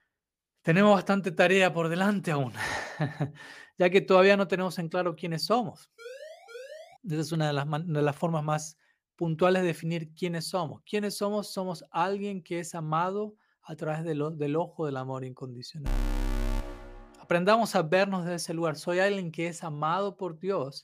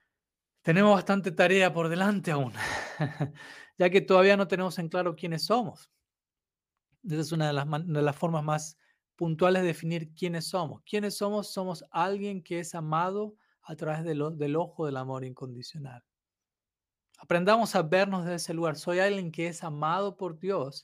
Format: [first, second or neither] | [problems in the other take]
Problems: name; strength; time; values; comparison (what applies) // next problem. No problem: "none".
second | siren; faint; at 6 s; peak 15 dB below the speech // alarm; noticeable; from 16 to 17 s; peak 5 dB below the speech